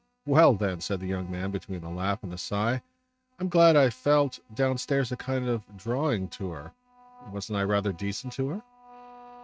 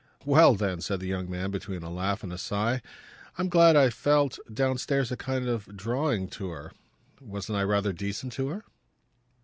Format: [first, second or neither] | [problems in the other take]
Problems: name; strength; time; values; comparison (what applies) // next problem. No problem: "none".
second | noise reduction (neural mask model RNNoise)